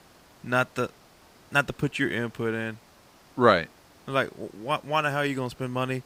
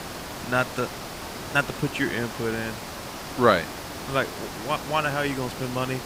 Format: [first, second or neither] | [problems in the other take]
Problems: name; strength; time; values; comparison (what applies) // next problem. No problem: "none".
first | hiss; loud; throughout; 8 dB below the speech; faint in the first